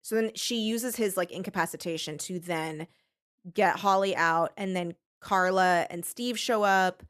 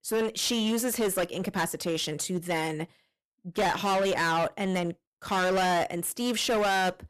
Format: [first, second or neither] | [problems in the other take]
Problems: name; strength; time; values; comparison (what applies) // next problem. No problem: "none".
first | distortion; heavy; 19% of the sound clipped